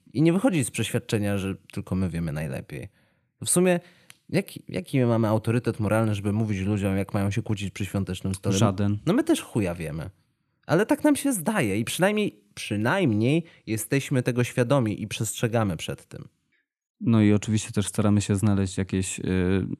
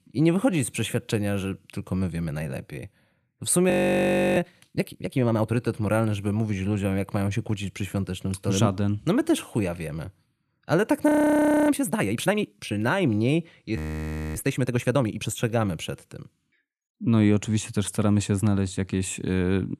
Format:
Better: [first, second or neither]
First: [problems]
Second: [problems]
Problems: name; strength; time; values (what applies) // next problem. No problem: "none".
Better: first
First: none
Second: audio freezing; at 3.5 s for 0.5 s, at 11 s for 0.5 s and at 14 s for 0.5 s